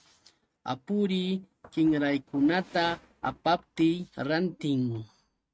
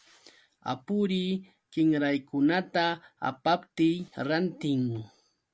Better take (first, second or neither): second